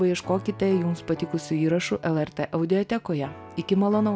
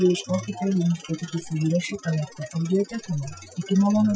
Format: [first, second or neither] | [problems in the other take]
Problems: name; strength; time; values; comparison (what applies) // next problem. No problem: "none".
first | noise reduction (classical method Wiener filter)